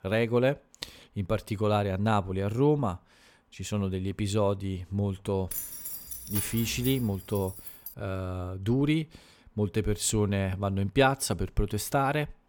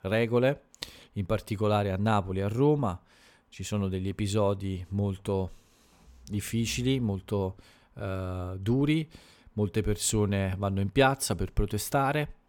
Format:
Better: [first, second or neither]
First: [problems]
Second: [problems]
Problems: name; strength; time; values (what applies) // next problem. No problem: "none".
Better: second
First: jangling keys; noticeable; from 5.5 to 8 s; peak 3 dB below the speech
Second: none